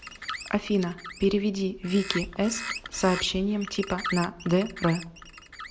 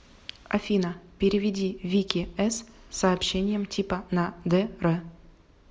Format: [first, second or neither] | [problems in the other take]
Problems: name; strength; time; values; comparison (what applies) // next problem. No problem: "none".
second | background sound (Bird); 11 dB below the speech